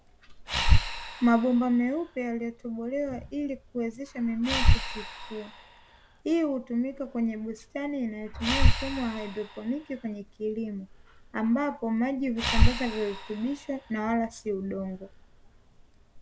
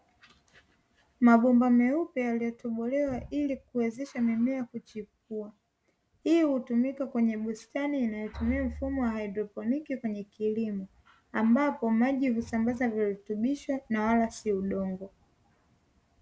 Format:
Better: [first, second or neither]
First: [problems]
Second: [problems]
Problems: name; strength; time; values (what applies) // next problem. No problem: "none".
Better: second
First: background sound (Breathing); 1 dB above the speech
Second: none